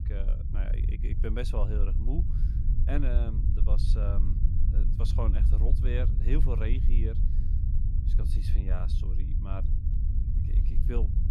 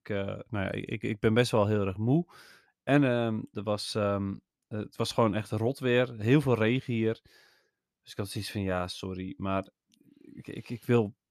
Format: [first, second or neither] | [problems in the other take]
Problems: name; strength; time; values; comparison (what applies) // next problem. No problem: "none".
second | low rumble; loud; throughout; 5 dB below the speech